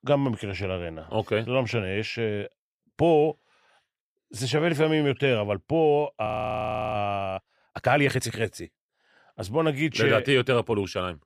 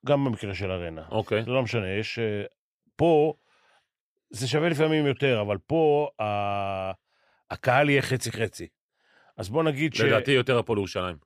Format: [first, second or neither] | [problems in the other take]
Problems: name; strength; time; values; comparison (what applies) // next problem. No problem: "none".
second | audio freezing; at 6.5 s for 0.5 s